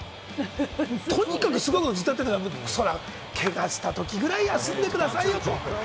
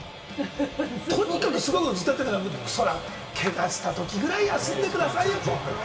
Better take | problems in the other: first | room echo; dies away in 2.5 s

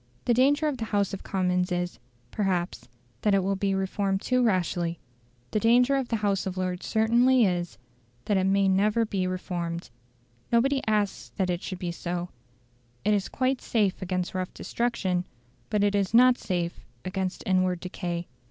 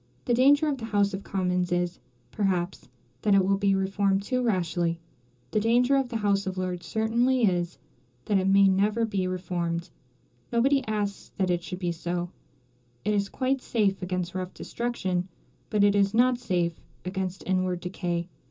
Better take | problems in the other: first | room echo; dies away in 0.2 s

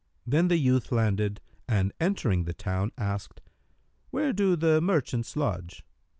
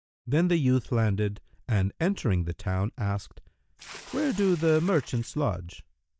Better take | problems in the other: first | noise reduction (neural mask model DeepFilterNet 3)

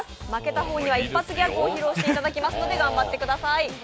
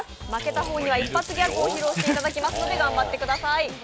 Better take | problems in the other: first | background sound (Water tap, faucet); 15 dB below the speech

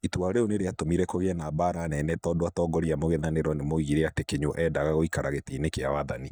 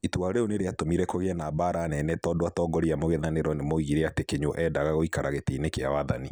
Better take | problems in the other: second | noise reduction (neural mask model DeepFilterNet 3)

